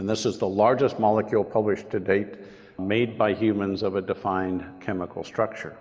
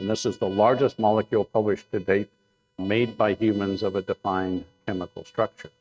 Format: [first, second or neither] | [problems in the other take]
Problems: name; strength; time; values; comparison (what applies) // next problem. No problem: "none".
first | noise reduction (neural mask model RNNoise)